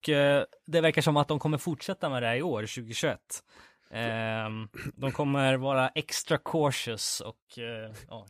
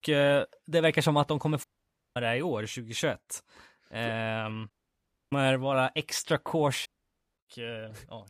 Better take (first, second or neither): first